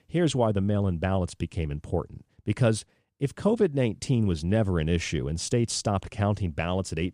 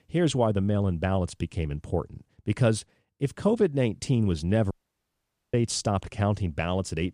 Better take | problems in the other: first | audio cutting out; at 4.5 s for 1 s

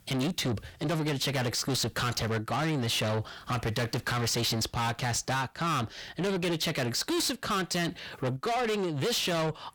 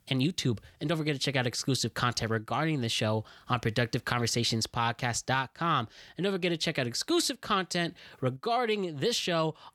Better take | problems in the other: second | distortion; heavy; 6 dB below the speech

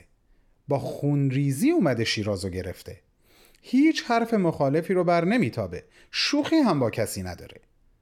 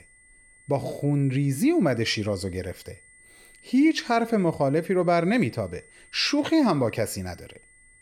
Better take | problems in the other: first | high-pitched whine; faint; throughout; 2 kHz, 30 dB below the speech

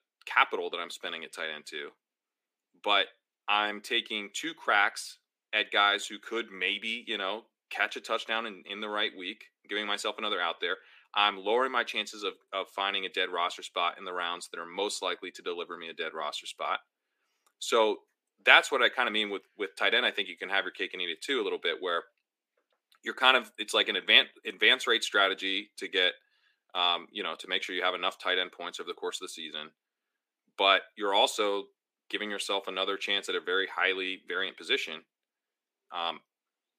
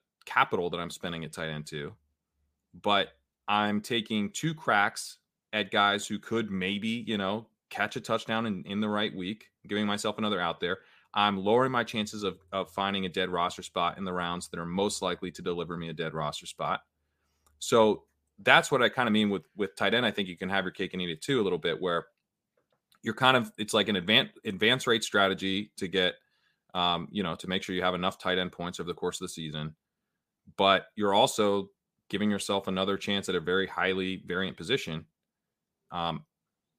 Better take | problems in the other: second | thin; somewhat; fading below 300 Hz

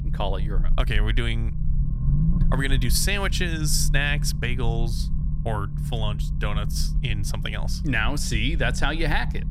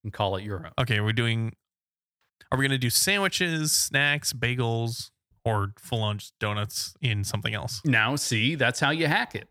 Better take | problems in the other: second | low rumble; noticeable; throughout; 15 dB below the speech

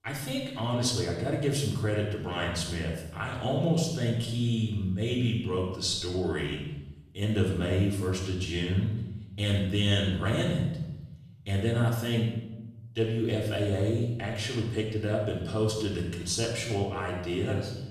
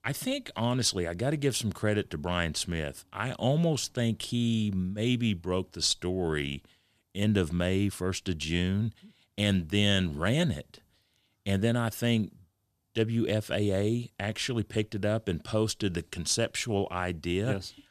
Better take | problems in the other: second | off-mic speech; far // room echo; noticeable; dies away in 0.9 s

